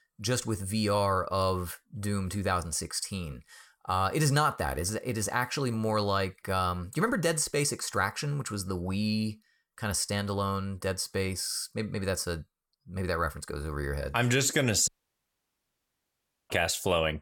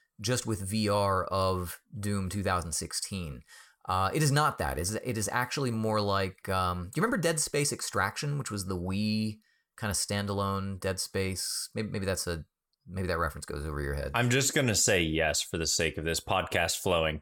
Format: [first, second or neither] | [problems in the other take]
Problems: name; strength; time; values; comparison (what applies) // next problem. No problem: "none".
second | audio cutting out; at 15 s for 1.5 s